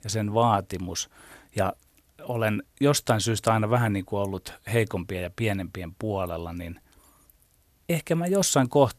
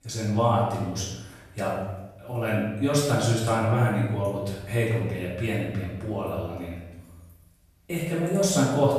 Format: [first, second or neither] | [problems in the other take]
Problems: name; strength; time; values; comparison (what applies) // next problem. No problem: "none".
first | off-mic speech; far // room echo; noticeable; dies away in 1 s